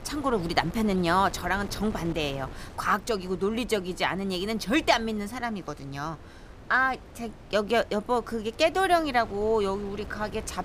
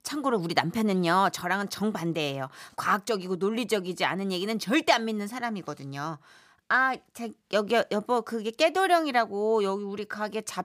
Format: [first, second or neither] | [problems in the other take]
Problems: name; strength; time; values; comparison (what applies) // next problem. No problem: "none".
second | wind noise on the microphone; occasional gusts; 20 dB below the speech